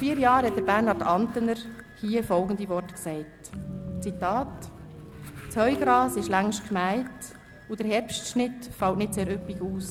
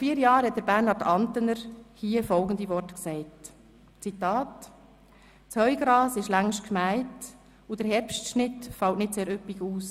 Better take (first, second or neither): second